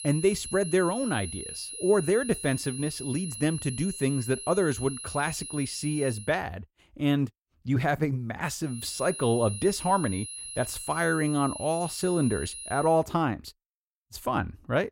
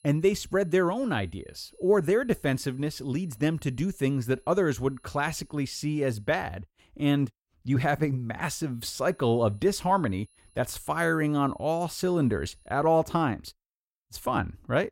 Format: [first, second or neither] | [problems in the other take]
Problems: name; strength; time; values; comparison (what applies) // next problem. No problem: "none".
second | high-pitched whine; loud; until 6 s and from 8.5 to 13 s; 10.5 kHz, 9 dB below the speech; faint in the second